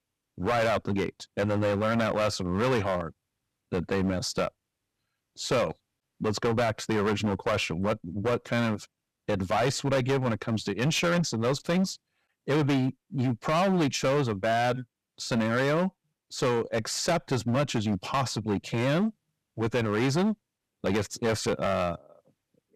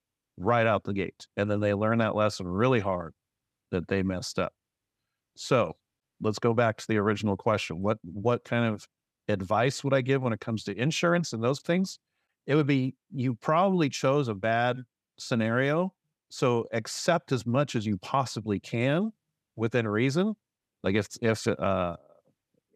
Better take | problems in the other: second | distortion; heavy; 13% of the sound clipped

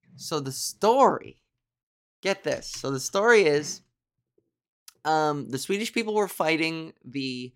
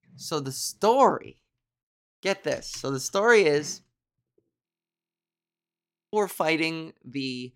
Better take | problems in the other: first | audio freezing; at 4.5 s for 1.5 s

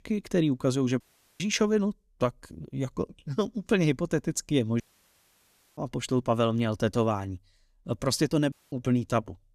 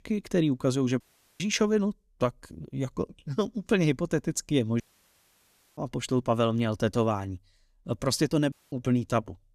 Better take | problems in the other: neither | audio cutting out; at 1 s, at 5 s for 1 s and at 8.5 s; the same in both

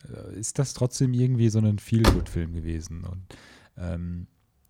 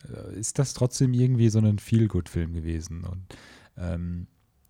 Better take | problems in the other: second | door banging; loud; at 2 s; peak 3 dB above the speech

